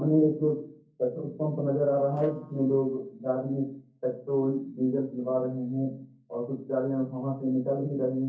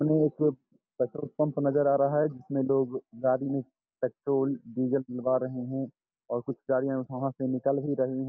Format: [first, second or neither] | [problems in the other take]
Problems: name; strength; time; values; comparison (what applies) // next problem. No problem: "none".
second | noise reduction (neural separator model SepFormer DNS4)